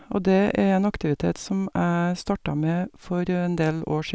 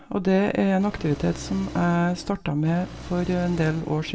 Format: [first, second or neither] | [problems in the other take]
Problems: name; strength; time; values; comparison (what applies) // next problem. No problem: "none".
first | background sound (Engine); 14 dB below the speech // room echo; dies away in 0.6 s